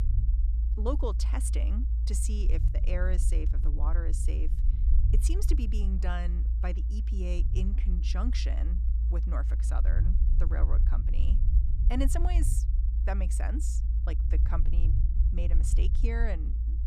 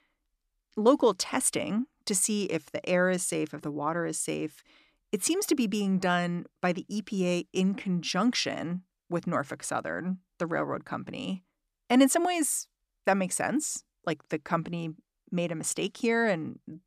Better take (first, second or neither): second